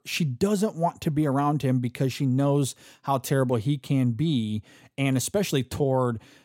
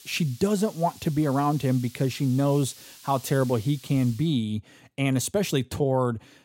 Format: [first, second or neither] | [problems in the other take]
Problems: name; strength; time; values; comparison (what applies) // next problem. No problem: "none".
first | hiss; noticeable; until 4 s; 20 dB below the speech